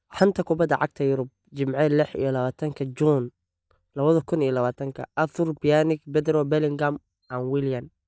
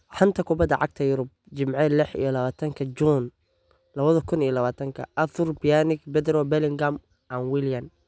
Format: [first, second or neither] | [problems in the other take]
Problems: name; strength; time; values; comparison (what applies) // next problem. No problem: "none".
second | noise reduction (neural mask model DeepFilterNet 3)